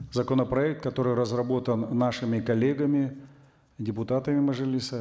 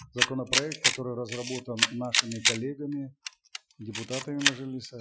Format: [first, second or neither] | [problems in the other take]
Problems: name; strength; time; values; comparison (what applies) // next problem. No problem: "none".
first | noise reduction (classical method Wiener filter)